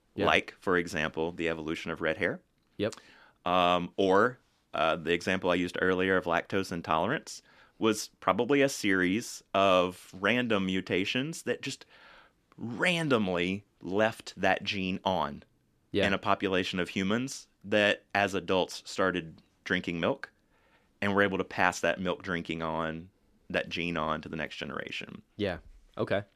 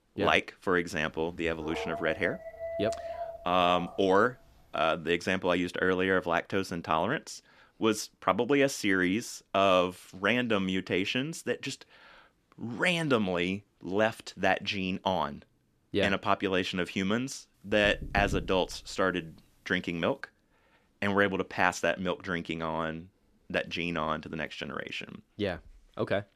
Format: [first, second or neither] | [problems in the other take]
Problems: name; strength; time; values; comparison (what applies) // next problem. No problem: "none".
first | dog barking; noticeable; from 1.5 to 4 s; peak 6 dB below the speech // door banging; noticeable; from 18 to 19 s; peak 7 dB below the speech